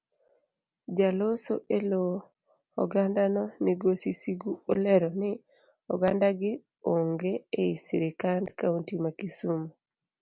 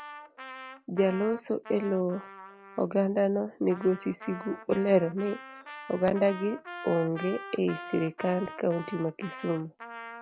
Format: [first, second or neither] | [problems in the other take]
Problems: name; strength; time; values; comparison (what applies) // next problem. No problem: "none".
first | background sound (Trumpet); 14 dB below the speech